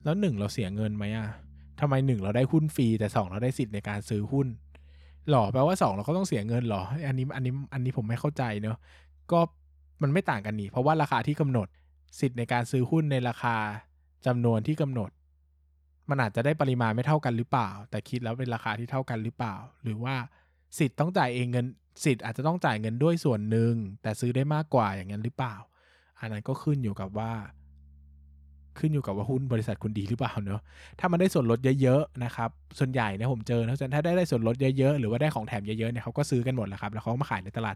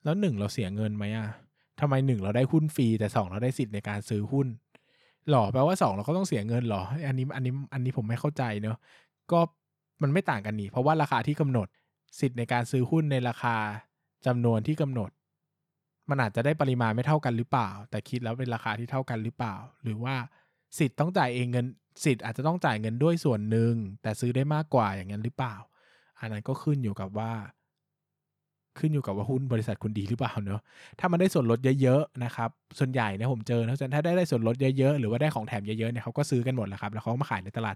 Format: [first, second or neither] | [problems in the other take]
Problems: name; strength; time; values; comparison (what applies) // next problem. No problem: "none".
second | background music; faint; throughout; 30 dB below the speech